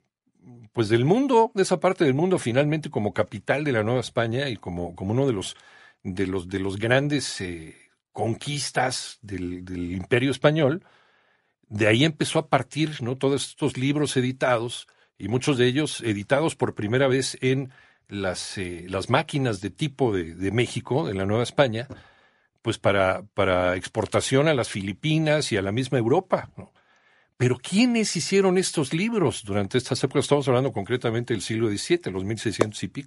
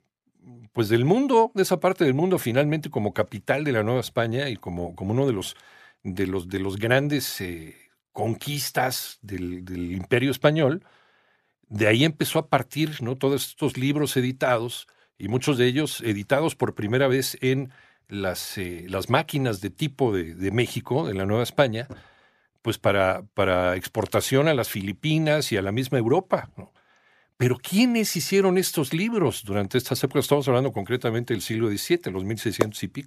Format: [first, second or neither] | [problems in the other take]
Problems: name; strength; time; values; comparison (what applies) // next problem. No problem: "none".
second | garbled, watery; slightly; nothing above 11 kHz